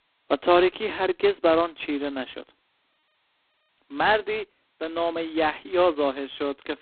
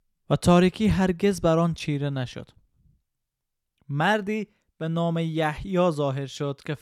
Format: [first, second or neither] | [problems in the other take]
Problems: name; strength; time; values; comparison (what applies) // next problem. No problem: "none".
second | phone-call audio; poor line; nothing above 4 kHz